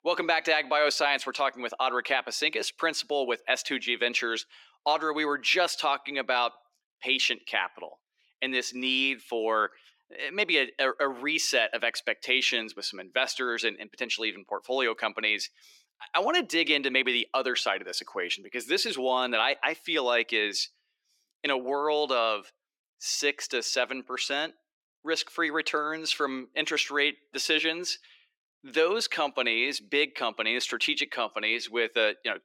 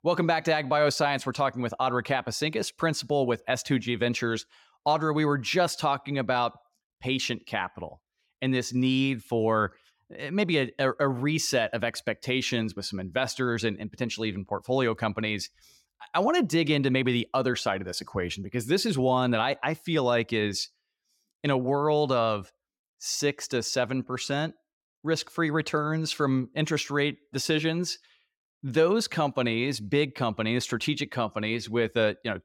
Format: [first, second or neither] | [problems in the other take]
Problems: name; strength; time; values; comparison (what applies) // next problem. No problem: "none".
second | thin; somewhat; fading below 300 Hz